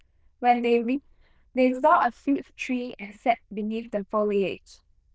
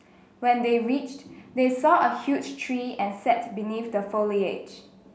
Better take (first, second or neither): second